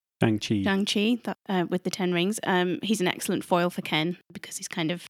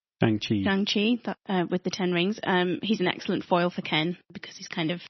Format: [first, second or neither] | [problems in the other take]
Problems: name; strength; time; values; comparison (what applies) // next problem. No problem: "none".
first | garbled, watery; slightly; nothing above 6 kHz